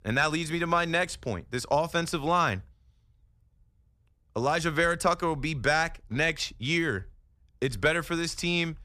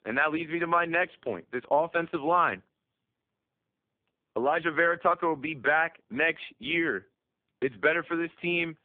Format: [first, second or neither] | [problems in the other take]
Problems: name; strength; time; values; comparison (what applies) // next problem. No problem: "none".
first | phone-call audio; poor line